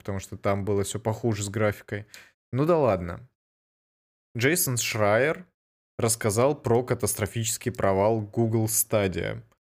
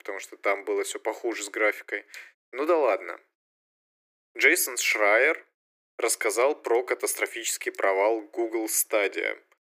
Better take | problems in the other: first | thin; very; fading below 300 Hz

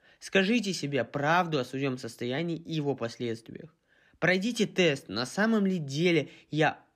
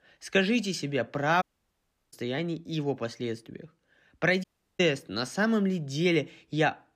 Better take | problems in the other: first | audio cutting out; at 1.5 s for 0.5 s and at 4.5 s

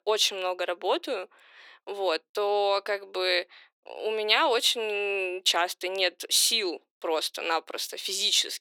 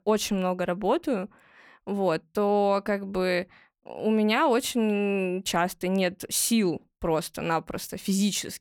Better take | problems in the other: second | thin; very; fading below 350 Hz

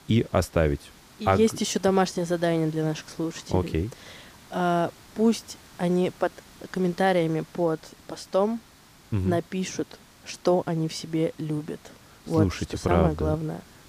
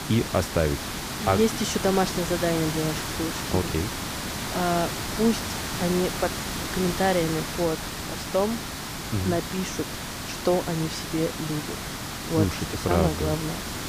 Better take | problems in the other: first | hiss; loud; throughout; 4 dB below the speech; faint in the first

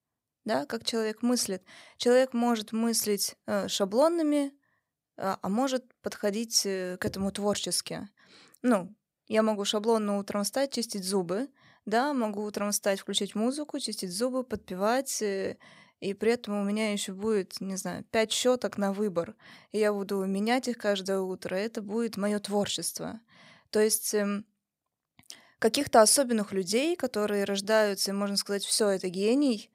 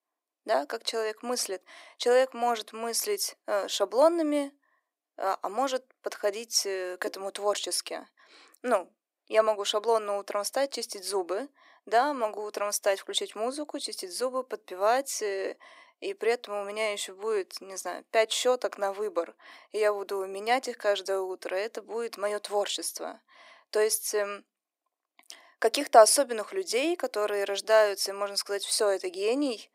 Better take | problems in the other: first | thin; somewhat; fading below 300 Hz

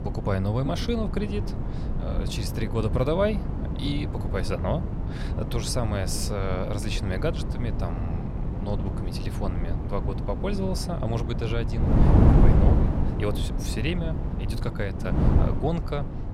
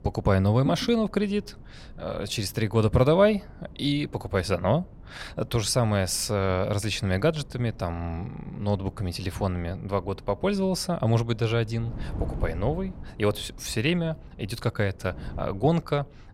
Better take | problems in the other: second | wind noise on the microphone; heavy; 4 dB below the speech; occasional gusts in the second

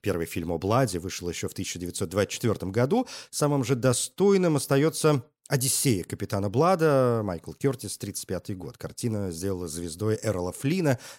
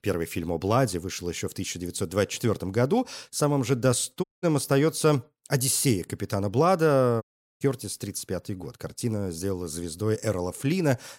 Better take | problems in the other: first | audio cutting out; at 4 s and at 7 s

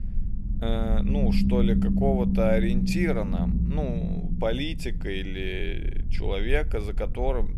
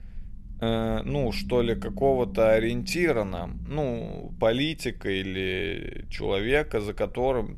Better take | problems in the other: second | low rumble; loud; throughout; 4 dB below the speech; faint in the second

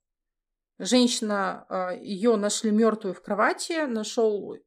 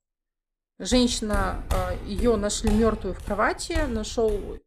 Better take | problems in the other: first | footsteps; noticeable; from 1 s on; peak 6 dB below the speech

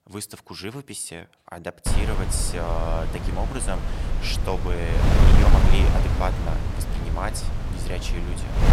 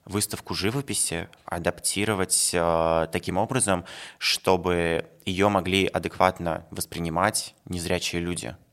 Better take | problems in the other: second | wind noise on the microphone; heavy; from 2 s on; 1 dB below the speech

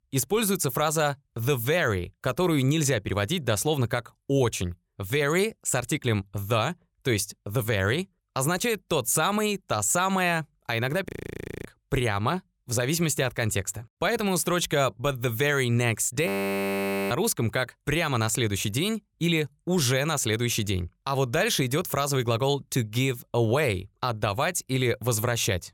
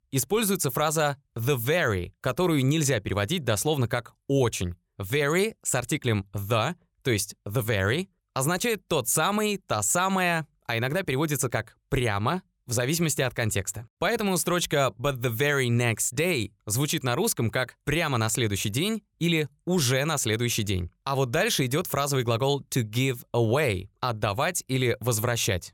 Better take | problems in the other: second | audio freezing; at 11 s for 0.5 s and at 16 s for 1 s

